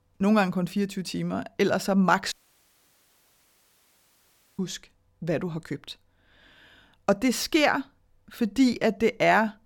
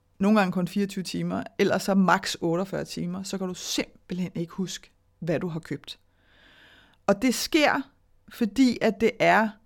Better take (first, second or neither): second